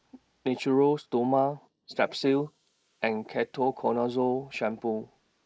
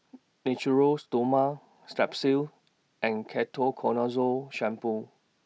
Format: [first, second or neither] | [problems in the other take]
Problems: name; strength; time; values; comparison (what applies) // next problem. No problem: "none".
second | noise reduction (neural mask model Resemble Enhance denoiser)